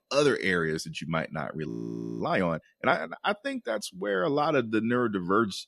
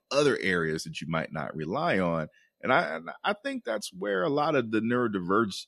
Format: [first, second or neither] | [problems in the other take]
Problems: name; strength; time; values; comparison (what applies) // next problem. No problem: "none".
second | audio freezing; at 1.5 s for 0.5 s